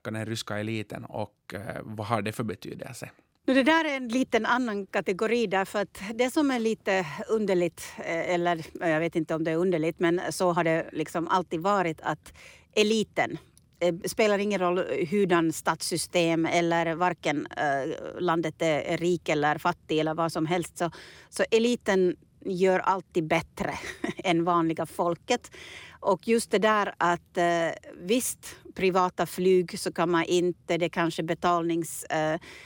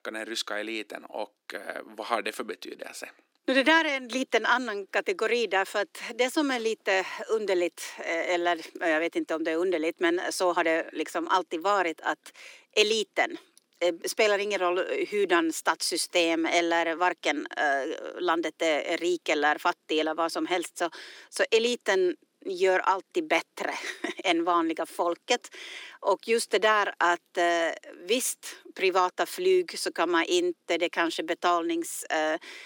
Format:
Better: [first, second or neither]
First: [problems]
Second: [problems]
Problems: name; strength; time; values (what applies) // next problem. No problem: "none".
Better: first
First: none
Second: thin; somewhat; fading below 300 Hz